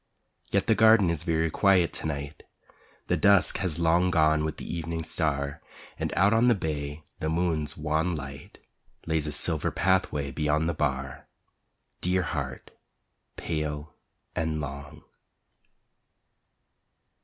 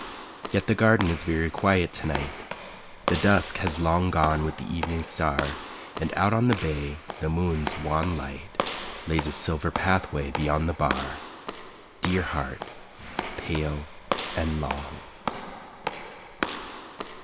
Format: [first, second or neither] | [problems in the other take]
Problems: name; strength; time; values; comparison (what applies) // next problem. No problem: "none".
first | background sound (Walk, footsteps / Slam); 8 dB below the speech